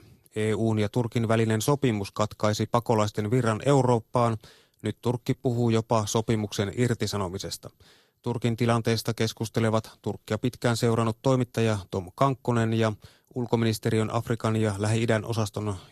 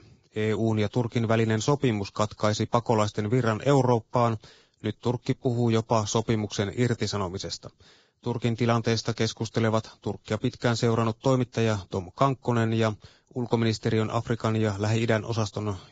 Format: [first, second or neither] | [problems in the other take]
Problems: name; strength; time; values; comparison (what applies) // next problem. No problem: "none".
first | garbled, watery; badly; nothing above 7.5 kHz; slightly in the first